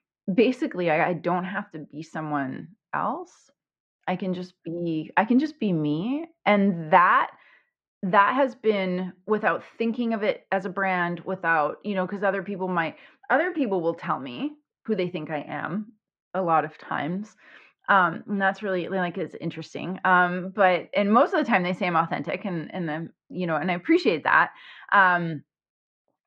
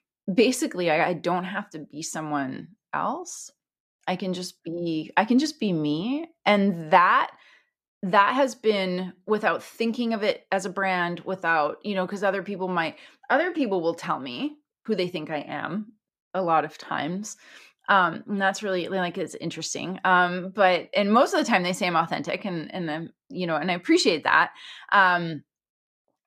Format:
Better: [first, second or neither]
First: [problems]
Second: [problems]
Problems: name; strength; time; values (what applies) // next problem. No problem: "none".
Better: second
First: muffled; slightly; fading above 2 kHz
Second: none